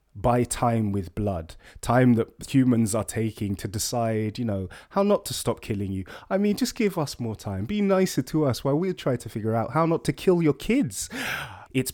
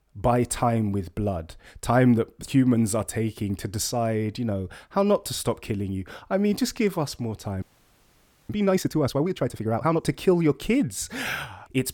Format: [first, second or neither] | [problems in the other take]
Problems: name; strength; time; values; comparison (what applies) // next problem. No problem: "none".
first | audio freezing; at 7.5 s for 1 s